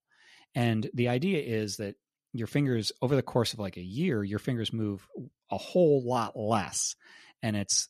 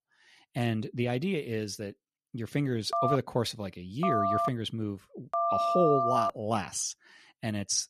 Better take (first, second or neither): first